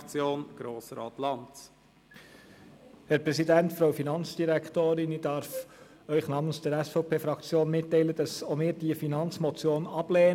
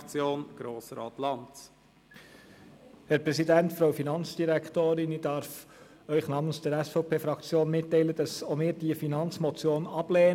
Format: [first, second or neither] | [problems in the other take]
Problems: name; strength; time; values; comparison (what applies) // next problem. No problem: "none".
second | background sound (Wind instrument, woodwind instrument); 15 dB below the speech